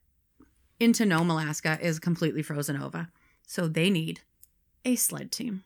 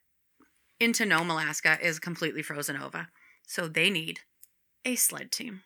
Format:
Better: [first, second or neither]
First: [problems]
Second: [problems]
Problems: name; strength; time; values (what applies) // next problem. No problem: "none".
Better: first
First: none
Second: thin; somewhat; fading below 1 kHz